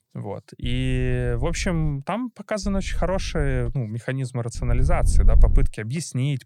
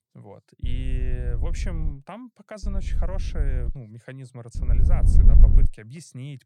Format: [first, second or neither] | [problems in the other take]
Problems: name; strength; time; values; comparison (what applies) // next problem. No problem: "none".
first | wind noise on the microphone; heavy; from 0.5 to 2 s, from 2.5 to 3.5 s and from 4.5 to 5.5 s; 2 dB below the speech; occasional gusts in the first